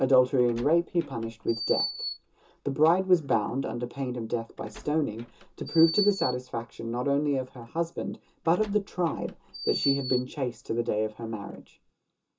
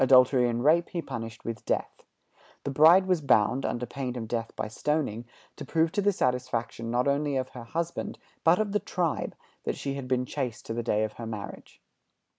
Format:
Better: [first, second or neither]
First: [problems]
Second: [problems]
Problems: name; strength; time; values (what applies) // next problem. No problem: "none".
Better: second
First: background sound (Door); 12 dB below the speech // room echo; dies away in 0.2 s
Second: none